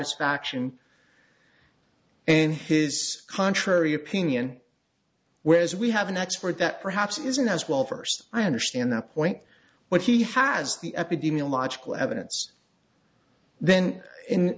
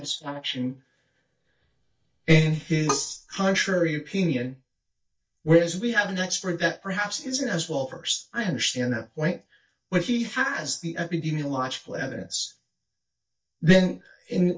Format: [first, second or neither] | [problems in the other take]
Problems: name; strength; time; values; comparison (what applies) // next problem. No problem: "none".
first | noise reduction (neural mask model DeepFilterNet 3)